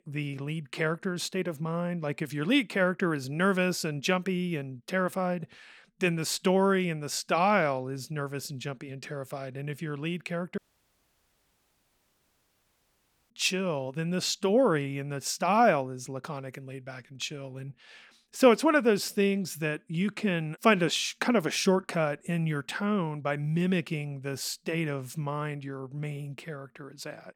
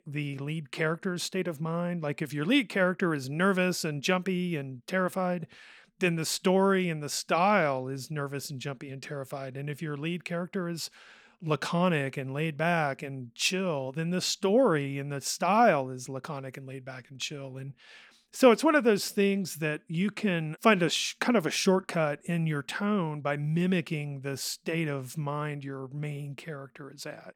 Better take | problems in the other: second | audio cutting out; at 11 s for 2.5 s

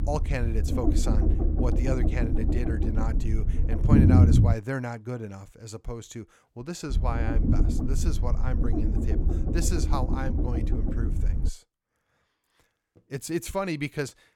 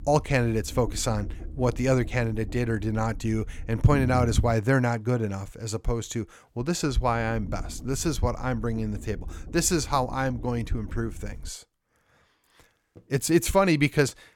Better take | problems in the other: second | low rumble; loud; until 4.5 s and from 7 to 11 s; as loud as the speech; faint in the second

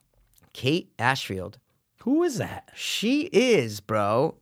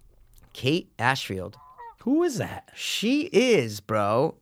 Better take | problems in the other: first | animal sounds; faint; until 3.5 s; 25 dB below the speech

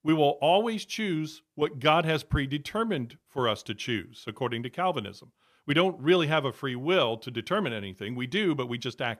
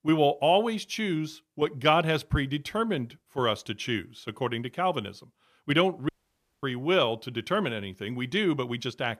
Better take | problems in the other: first | audio cutting out; at 6 s for 0.5 s

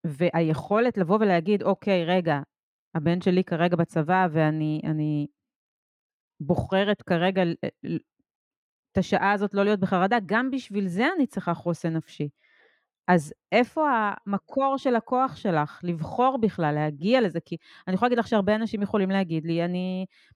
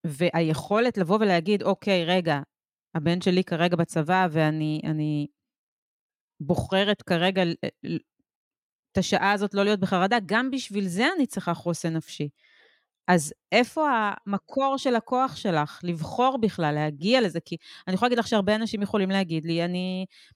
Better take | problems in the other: second | muffled; slightly; fading above 3 kHz

